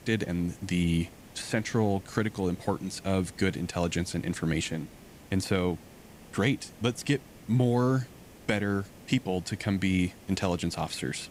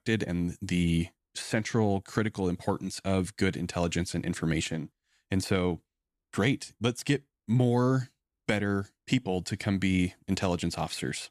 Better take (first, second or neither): second